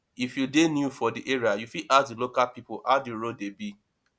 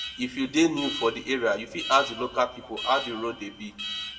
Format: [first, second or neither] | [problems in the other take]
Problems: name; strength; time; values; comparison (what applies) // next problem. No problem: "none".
first | background sound (Alarm); 10 dB below the speech // room echo; dies away in 1 s